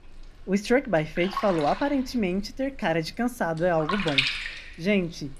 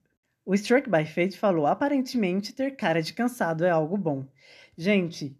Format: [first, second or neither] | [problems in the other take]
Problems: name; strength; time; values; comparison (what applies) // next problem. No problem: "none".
second | household noises; loud; throughout; 3 dB below the speech